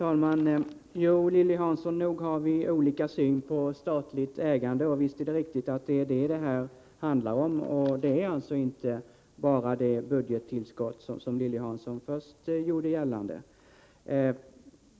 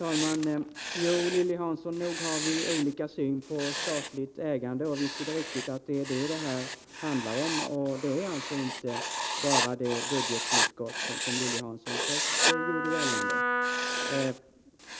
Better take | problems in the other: first | background sound (Writing + Wind instrument, woodwind instrument); 1 dB below the speech

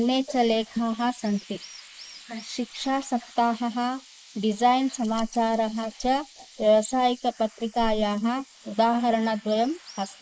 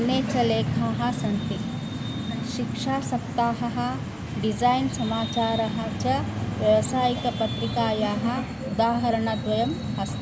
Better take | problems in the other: second | noise reduction (neural mask model Resemble Enhance denoiser)

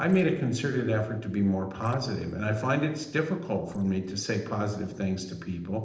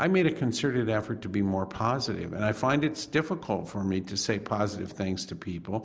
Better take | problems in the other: second | noise reduction (neural separator model SepFormer DNS4)

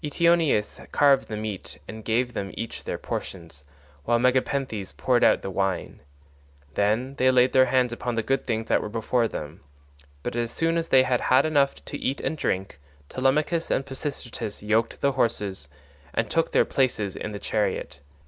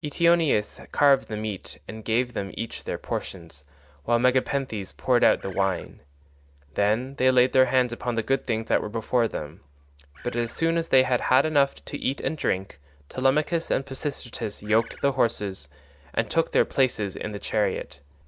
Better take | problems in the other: first | noise reduction (neural mask model DeepFilterNet 3)

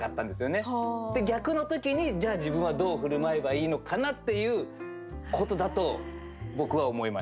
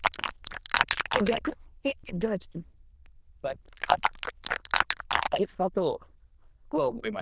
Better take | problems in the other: first | noise reduction (neural diffusion model UNIVERSE++)

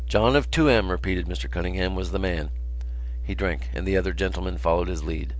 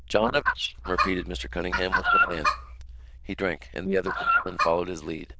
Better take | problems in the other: first | noise reduction (neural diffusion model UNIVERSE++)

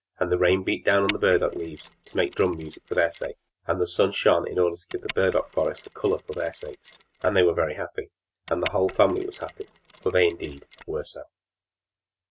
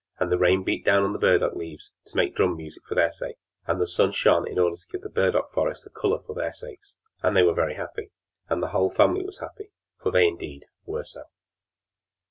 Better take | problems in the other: second | noise reduction (neural mask model RNNoise)

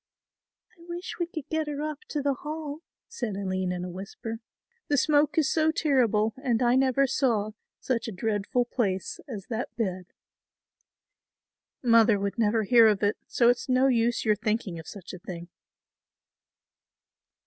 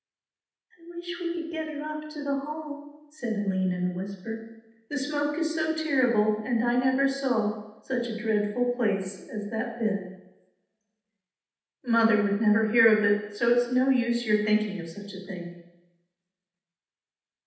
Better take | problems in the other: first | room echo; dies away in 0.9 s

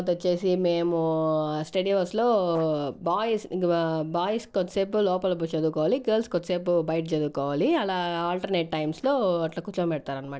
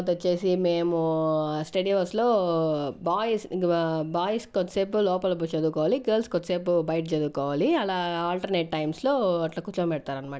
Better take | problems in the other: second | noise reduction (neural separator model SepFormer DNS4)

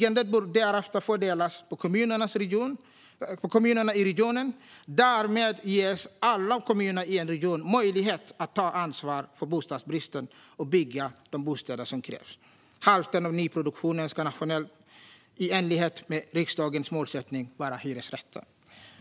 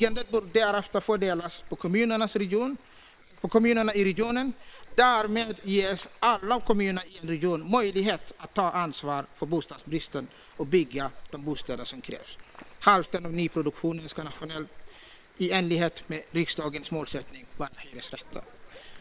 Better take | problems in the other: first | noise reduction (neural separator model SepFormer WHAM!)

